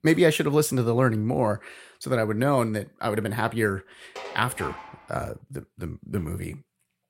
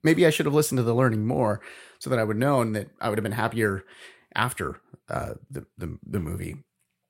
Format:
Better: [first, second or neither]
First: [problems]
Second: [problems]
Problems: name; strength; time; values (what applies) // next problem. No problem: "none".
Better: second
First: clattering dishes; faint; from 4 to 5 s; peak 15 dB below the speech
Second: none